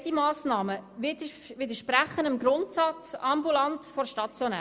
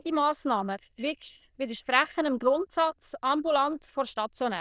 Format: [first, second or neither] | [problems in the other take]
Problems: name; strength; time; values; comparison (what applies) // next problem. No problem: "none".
first | noise reduction (neural diffusion model UNIVERSE++)